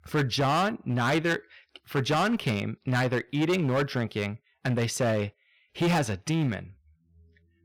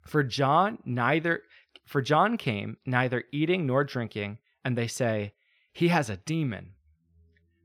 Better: second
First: distortion; heavy; 11% of the sound clipped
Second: none

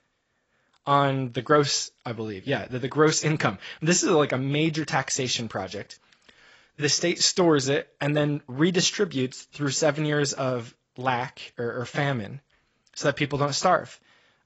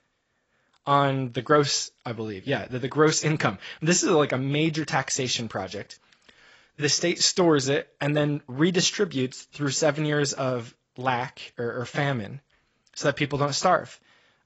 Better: neither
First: garbled, watery; badly; nothing above 7.5 kHz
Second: garbled, watery; badly; nothing above 7.5 kHz

